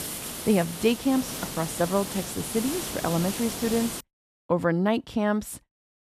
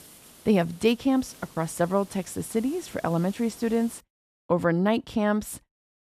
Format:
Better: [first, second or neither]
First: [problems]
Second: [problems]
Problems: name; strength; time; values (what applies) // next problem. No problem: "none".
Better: second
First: hiss; loud; until 4 s; 6 dB below the speech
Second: hiss; faint; until 4 s; 20 dB below the speech